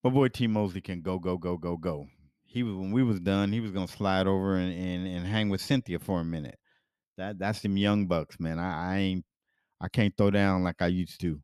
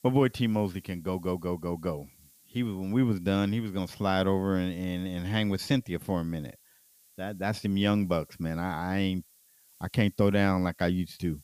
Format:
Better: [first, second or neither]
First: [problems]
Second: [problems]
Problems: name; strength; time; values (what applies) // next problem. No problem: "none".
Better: first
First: none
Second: hiss; faint; throughout; 30 dB below the speech